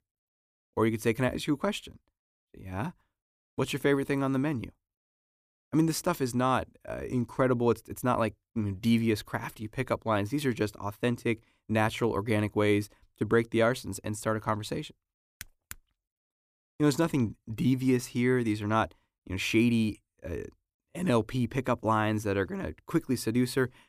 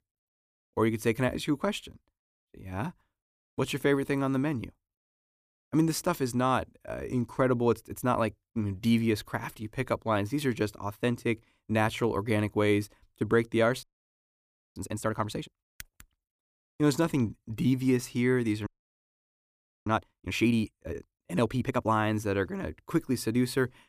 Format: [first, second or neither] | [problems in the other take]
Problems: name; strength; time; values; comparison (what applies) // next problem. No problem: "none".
first | audio freezing; at 14 s for 1 s and at 19 s for 1 s